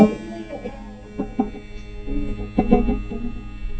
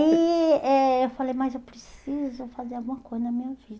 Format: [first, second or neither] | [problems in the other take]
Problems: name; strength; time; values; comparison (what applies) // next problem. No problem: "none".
second | noise reduction (neural mask model DeepFilterNet 3)